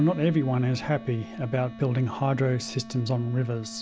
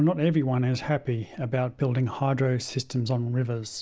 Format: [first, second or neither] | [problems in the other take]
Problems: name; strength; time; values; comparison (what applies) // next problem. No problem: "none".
second | background sound (Wind instrument, woodwind instrument); 16 dB below the speech